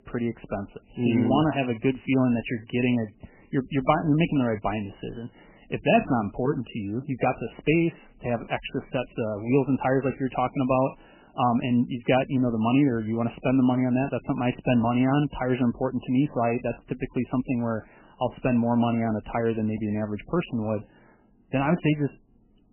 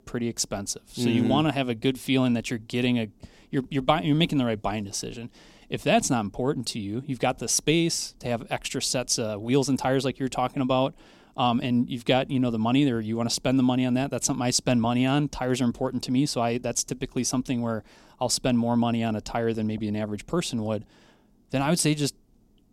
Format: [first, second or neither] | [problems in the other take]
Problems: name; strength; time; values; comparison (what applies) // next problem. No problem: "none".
second | garbled, watery; badly; nothing above 3 kHz